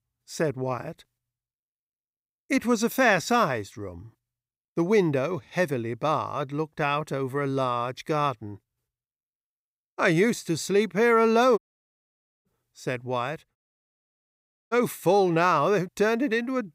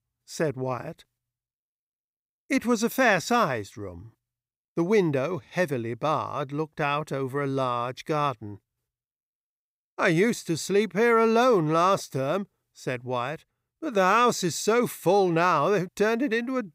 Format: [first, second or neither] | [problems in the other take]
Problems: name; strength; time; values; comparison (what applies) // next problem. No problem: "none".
second | audio cutting out; at 12 s for 1 s and at 14 s for 1 s